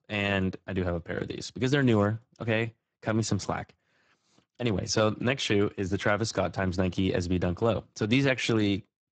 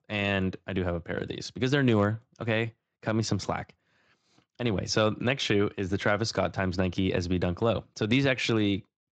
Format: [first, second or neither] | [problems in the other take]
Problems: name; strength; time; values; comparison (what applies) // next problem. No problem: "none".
second | garbled, watery; badly; nothing above 7.5 kHz; slightly in the second